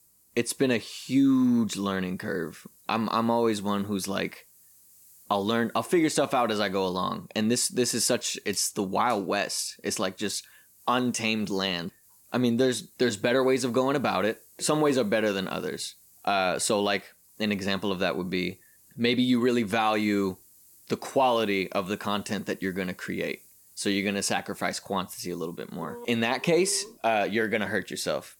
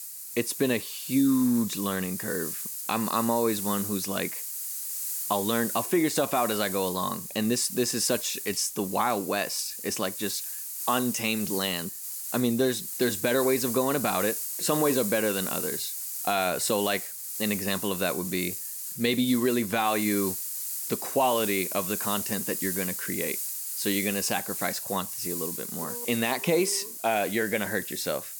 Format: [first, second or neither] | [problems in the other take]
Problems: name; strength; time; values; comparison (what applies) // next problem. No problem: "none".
first | hiss; loud; throughout; 4 dB below the speech; faint in the first